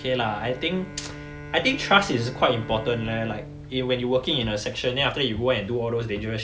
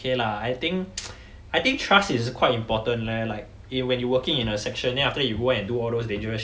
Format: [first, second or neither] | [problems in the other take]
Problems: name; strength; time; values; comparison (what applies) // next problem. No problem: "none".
second | background sound (Bowed string instrument); 16 dB below the speech